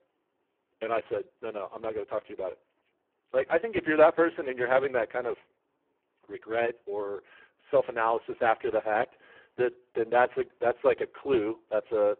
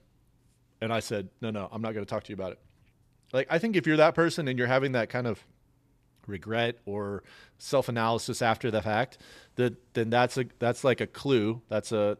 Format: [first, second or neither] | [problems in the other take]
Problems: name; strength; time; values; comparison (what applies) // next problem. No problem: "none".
second | phone-call audio; poor line